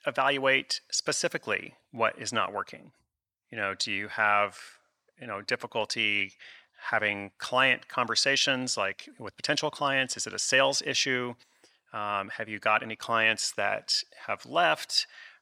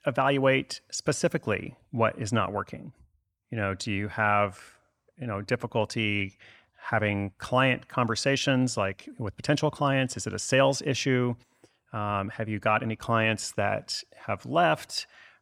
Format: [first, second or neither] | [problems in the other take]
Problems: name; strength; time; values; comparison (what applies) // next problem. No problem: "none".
second | thin; somewhat; fading below 700 Hz